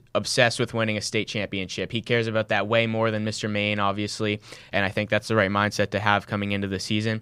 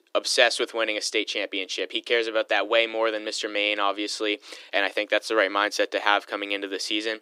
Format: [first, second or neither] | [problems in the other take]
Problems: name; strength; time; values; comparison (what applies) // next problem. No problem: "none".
first | thin; very; fading below 300 Hz